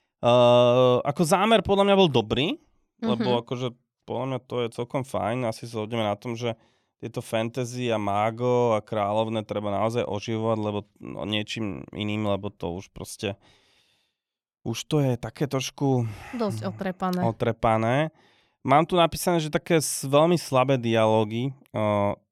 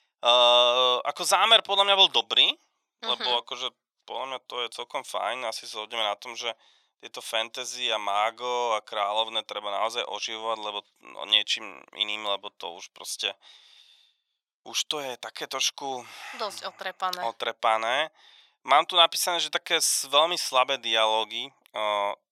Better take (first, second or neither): first